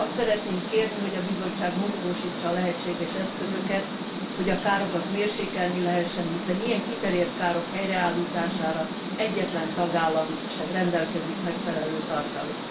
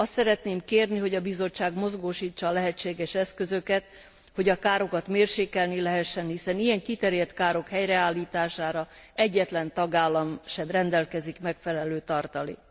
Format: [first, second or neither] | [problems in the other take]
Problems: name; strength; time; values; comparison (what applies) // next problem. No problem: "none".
second | background sound (Cricket); 4 dB below the speech // room echo; dies away in 0.3 s